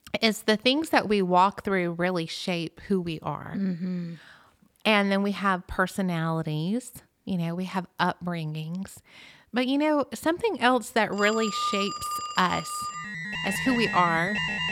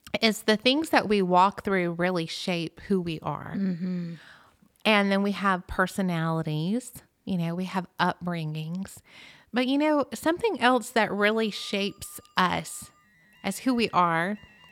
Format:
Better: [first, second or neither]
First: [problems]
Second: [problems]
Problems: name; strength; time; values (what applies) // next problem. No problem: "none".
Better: second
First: alarms or sirens; loud; from 10 s on; 4 dB below the speech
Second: alarms or sirens; faint; from 10 s on; 30 dB below the speech